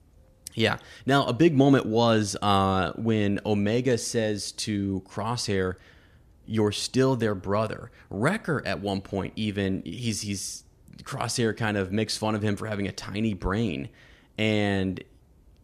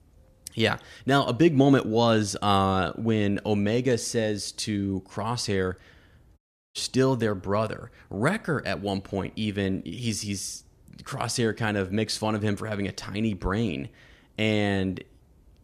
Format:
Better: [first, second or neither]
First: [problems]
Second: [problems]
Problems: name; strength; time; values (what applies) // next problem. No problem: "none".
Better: first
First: none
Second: audio cutting out; at 6.5 s